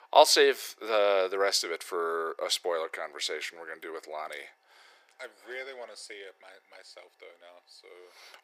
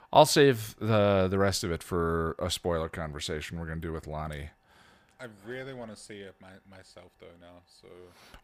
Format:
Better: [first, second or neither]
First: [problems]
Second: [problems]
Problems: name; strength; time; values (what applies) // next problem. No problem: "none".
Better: second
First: thin; very; fading below 400 Hz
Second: none